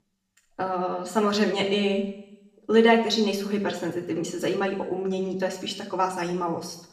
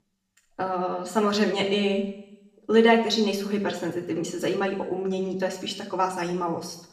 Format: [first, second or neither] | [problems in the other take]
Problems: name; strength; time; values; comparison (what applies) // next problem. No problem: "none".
neither | room echo; slight; dies away in 0.8 s; the same in both // off-mic speech; somewhat distant; the same in both